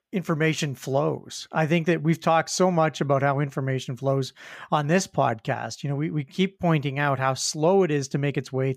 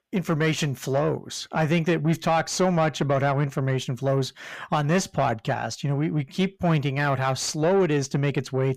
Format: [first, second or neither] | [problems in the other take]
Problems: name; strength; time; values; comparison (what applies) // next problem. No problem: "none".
first | distortion; slight; 10 dB below the speech